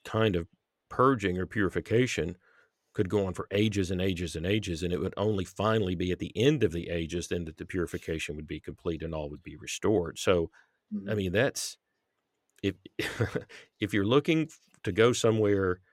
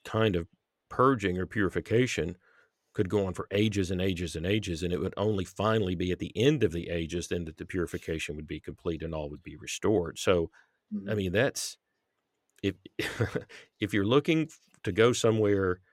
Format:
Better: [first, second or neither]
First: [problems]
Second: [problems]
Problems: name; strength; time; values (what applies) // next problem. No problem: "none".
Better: neither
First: none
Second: none